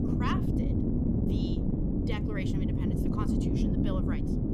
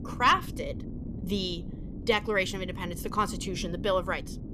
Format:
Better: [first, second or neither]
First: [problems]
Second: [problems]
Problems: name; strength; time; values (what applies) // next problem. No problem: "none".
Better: second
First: wind noise on the microphone; heavy; 5 dB above the speech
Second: wind noise on the microphone; occasional gusts; 20 dB below the speech